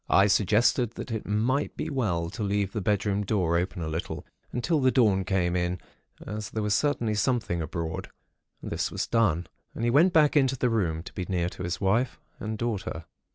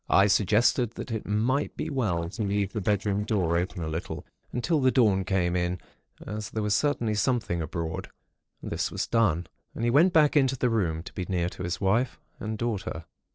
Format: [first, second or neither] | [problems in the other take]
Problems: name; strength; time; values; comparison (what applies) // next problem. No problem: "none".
first | noise reduction (neural separator model SepFormer DNS4)